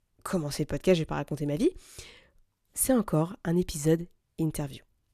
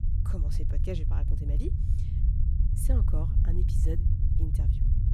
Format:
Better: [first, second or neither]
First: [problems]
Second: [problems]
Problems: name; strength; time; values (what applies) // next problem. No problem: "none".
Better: first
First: none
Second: low rumble; loud; throughout; 1 dB below the speech